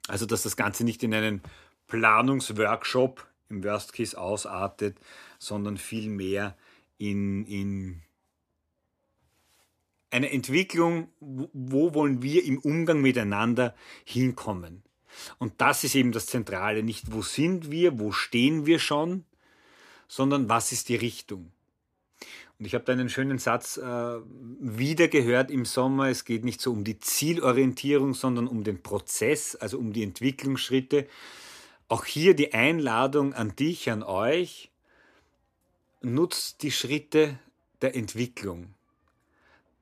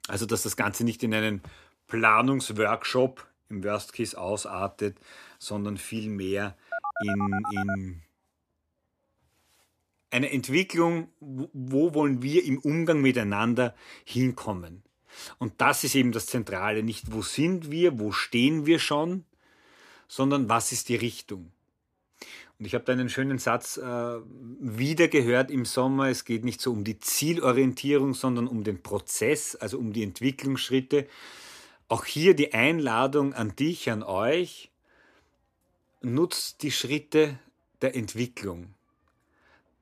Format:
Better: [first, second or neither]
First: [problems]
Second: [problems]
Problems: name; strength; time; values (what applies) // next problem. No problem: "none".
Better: first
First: none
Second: phone ringing; noticeable; from 6.5 to 8 s; peak 5 dB below the speech